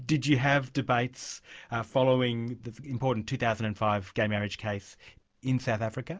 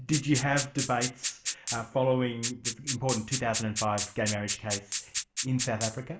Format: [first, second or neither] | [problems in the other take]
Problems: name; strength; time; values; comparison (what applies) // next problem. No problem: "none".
first | background sound (Rattle (instrument)); 4 dB below the speech // room echo; dies away in 0.4 s